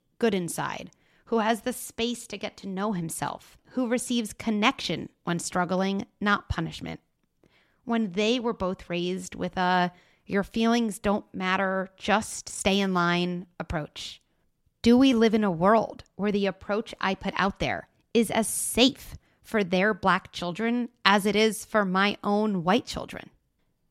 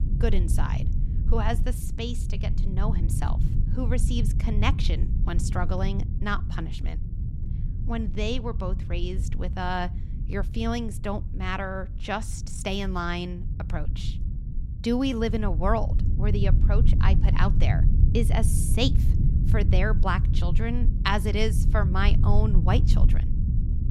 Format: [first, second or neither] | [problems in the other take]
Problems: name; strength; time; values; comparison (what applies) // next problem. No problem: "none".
first | low rumble; loud; throughout; 10 dB below the speech